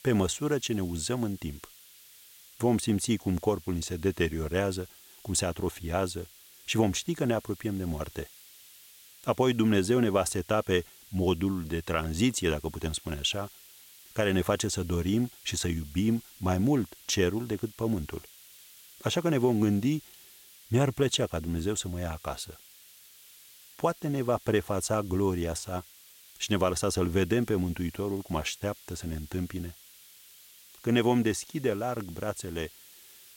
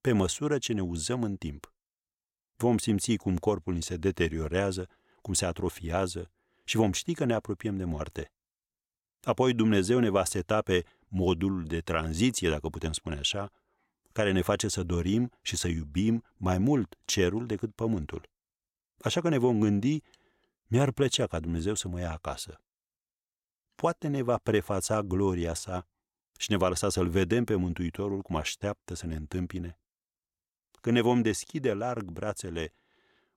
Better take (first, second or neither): second